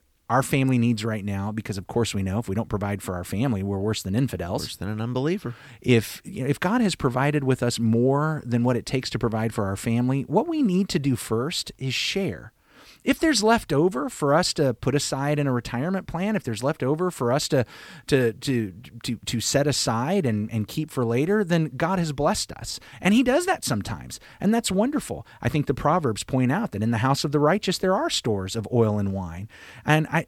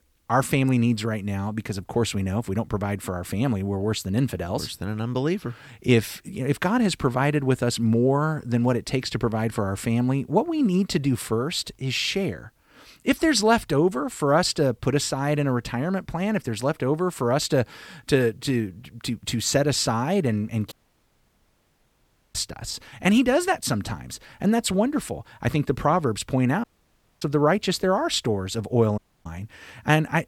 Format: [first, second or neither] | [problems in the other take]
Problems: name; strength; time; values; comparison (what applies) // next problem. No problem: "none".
first | audio cutting out; at 21 s for 1.5 s, at 27 s for 0.5 s and at 29 s